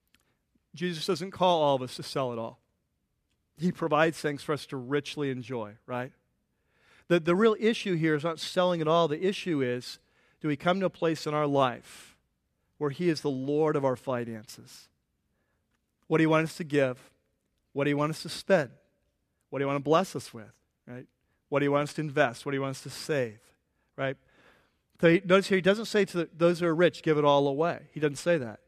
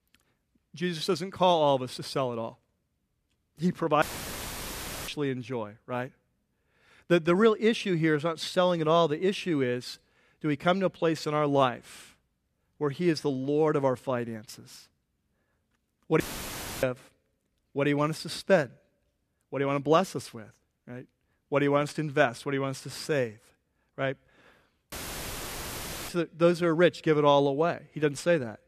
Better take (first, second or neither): first